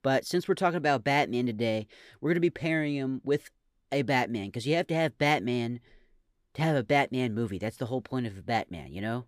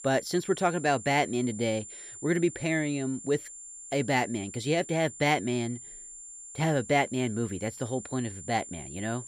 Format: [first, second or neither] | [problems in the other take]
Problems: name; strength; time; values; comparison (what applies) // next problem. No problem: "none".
first | high-pitched whine; noticeable; throughout; 7 kHz, 15 dB below the speech